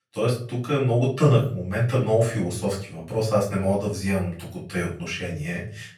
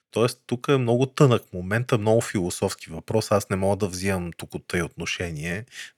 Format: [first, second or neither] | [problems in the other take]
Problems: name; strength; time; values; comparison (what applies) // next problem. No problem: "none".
second | off-mic speech; far // room echo; slight; dies away in 0.4 s